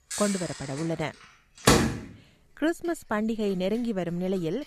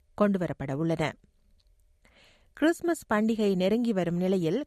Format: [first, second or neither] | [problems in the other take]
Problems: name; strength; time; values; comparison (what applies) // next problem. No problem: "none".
second | household noises; very loud; throughout; 3 dB above the speech